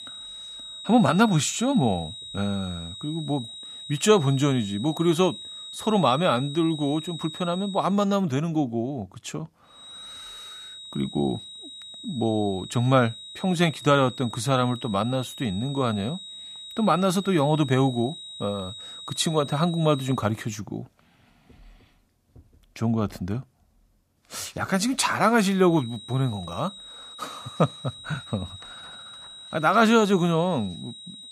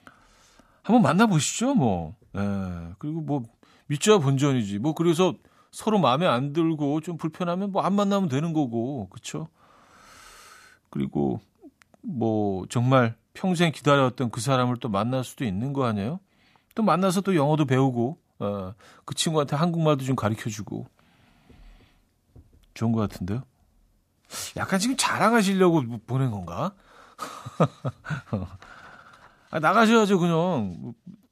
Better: second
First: high-pitched whine; noticeable; until 8 s, from 10 to 20 s and from 26 s on; 4 kHz, 15 dB below the speech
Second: none

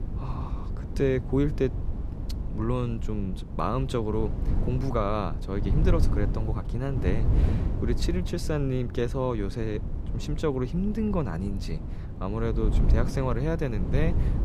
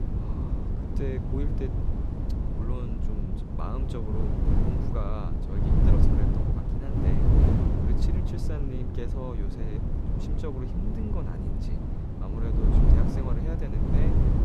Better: first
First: wind noise on the microphone; occasional gusts; 10 dB below the speech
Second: wind noise on the microphone; heavy; 3 dB above the speech

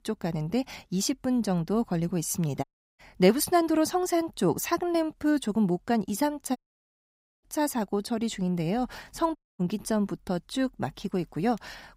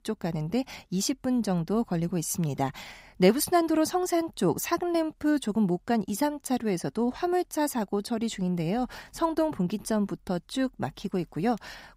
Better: second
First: audio cutting out; at 2.5 s, at 6.5 s for 1 s and at 9.5 s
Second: none

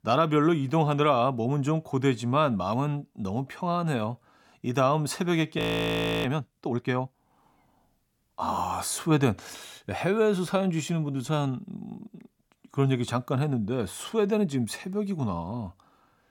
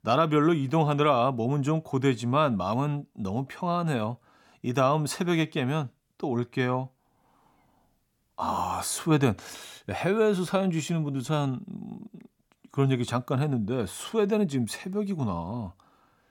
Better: second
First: audio freezing; at 5.5 s for 0.5 s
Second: none

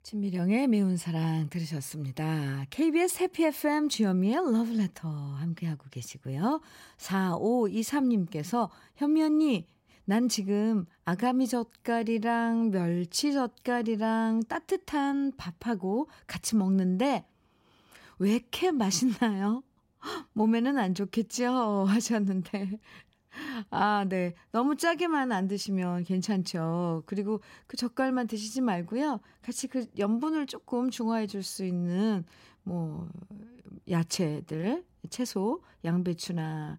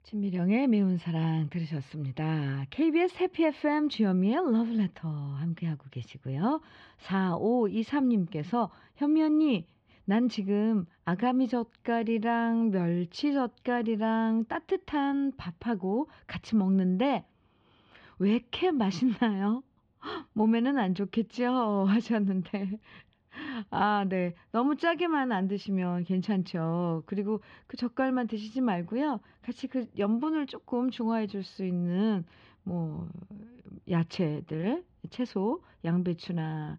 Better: first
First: none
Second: muffled; slightly; fading above 3.5 kHz

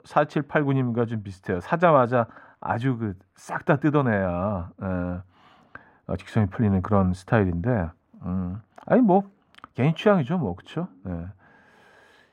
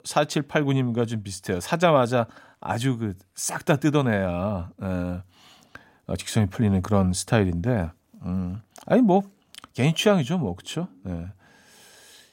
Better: second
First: muffled; very; fading above 3.5 kHz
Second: none

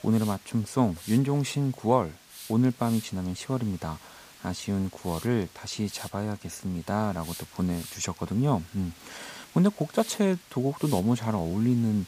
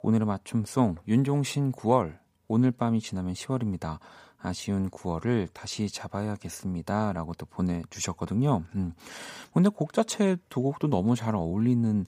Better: second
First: hiss; noticeable; throughout; 15 dB below the speech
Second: none

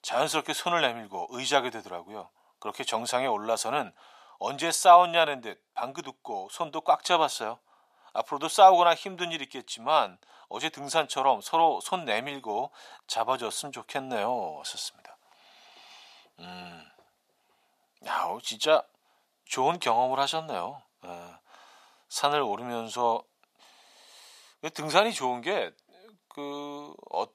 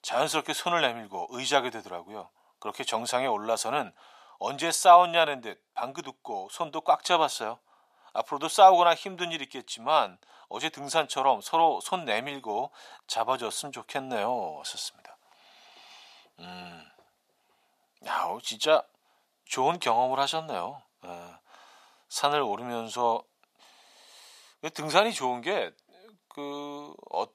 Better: neither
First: thin; very; fading below 600 Hz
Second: thin; very; fading below 600 Hz

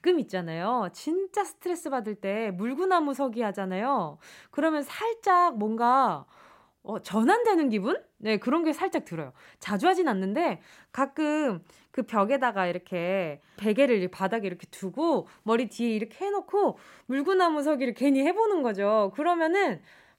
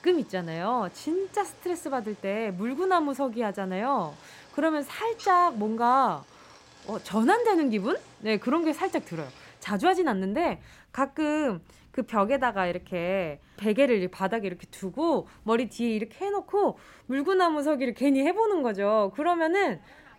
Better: first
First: none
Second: rain or running water; faint; throughout; 25 dB below the speech

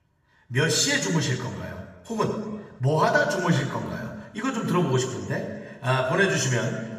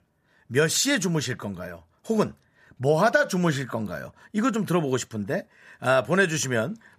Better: second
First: room echo; noticeable; dies away in 1.1 s // off-mic speech; far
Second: none

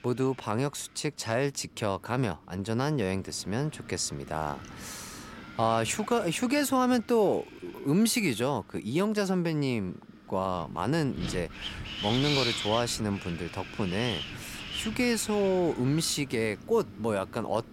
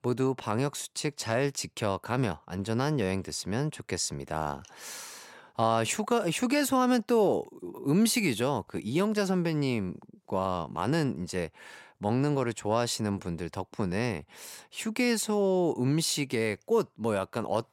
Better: second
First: wind noise on the microphone; heavy; 6 dB below the speech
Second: none

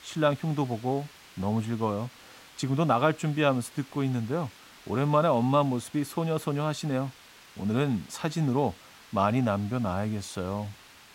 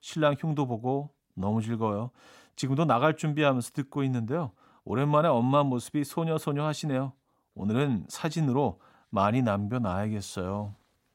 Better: second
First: hiss; faint; throughout; 20 dB below the speech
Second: none

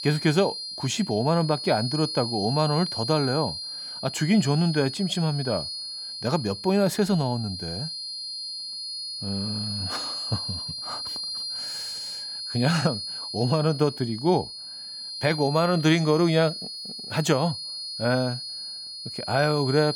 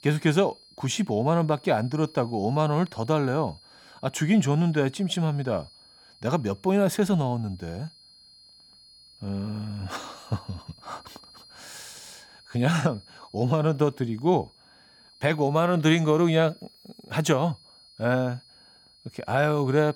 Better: second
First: high-pitched whine; loud; throughout; 4 kHz, 7 dB below the speech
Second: high-pitched whine; faint; throughout; 4 kHz, 25 dB below the speech

